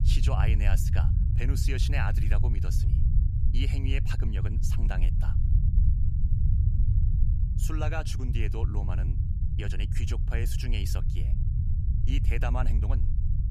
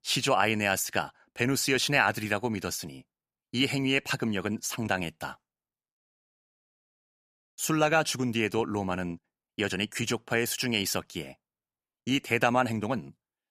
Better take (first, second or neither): second